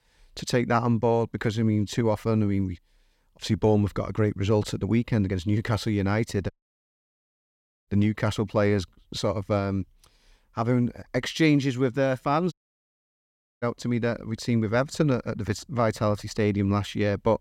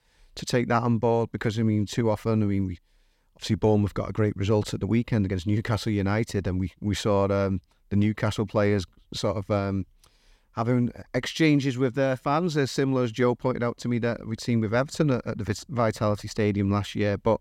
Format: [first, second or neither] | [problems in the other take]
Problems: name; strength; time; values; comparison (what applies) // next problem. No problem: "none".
second | audio cutting out; at 6.5 s for 1.5 s and at 13 s for 1 s